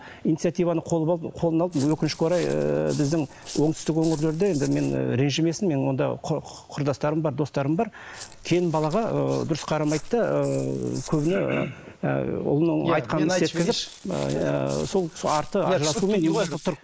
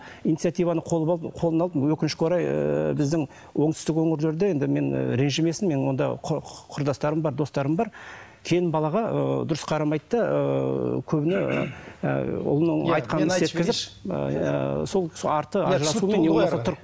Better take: second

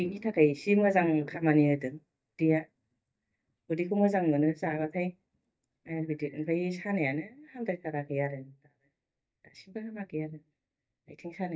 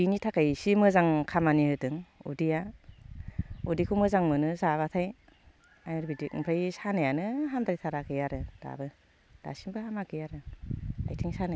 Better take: second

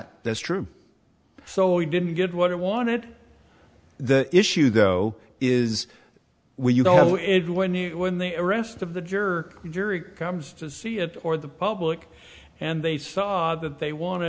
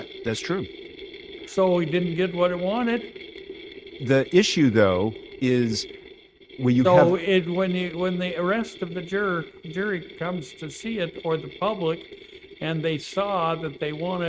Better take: first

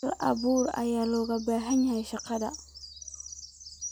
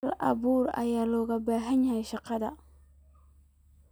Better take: second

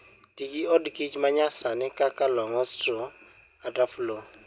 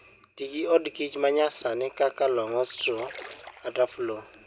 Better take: first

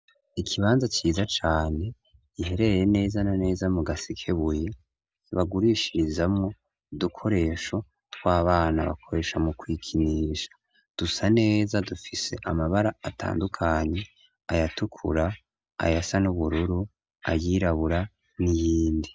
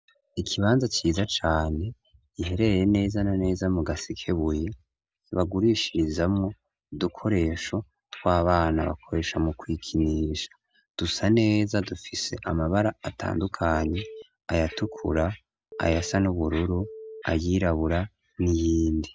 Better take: first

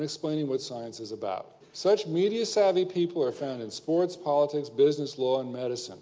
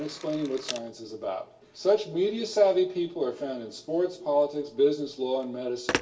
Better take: first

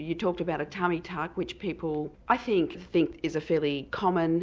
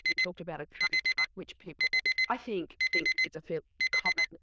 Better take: first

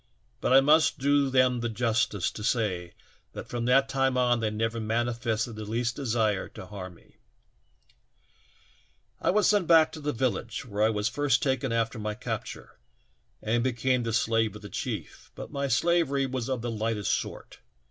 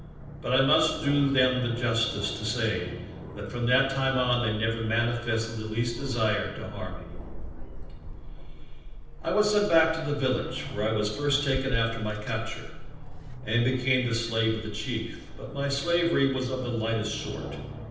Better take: first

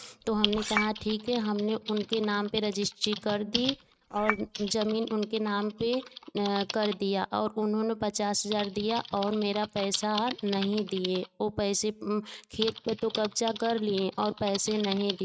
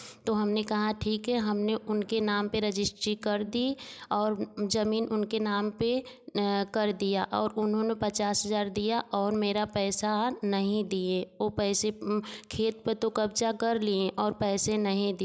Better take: second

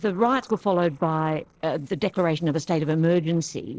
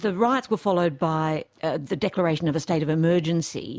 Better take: second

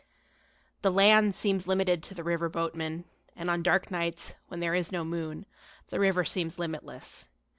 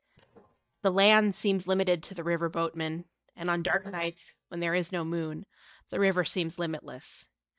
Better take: first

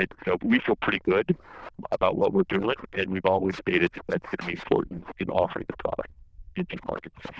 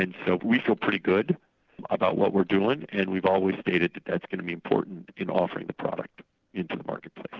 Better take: second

